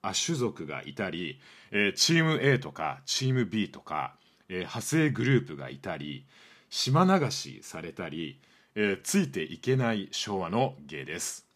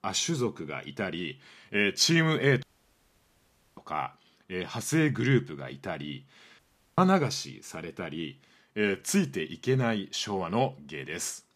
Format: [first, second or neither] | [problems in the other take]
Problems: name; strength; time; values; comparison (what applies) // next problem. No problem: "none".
first | audio cutting out; at 2.5 s for 1 s and at 6.5 s